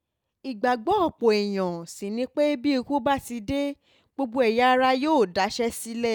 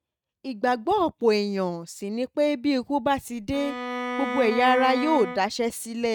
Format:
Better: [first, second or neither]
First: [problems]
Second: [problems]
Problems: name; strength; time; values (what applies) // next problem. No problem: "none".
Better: first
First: none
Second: noise reduction (neural mask model RNNoise)